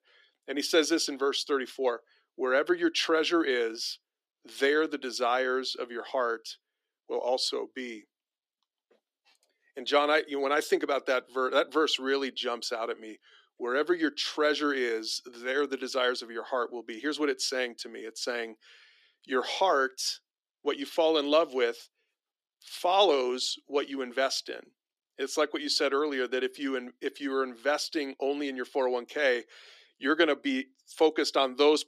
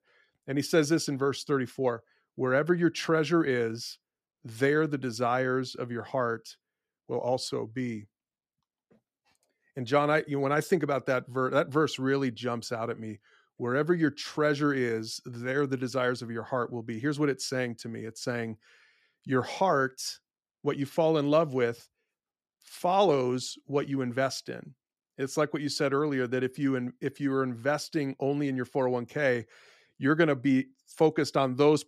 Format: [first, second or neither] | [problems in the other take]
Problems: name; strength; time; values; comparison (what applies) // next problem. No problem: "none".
second | thin; very slightly; fading below 300 Hz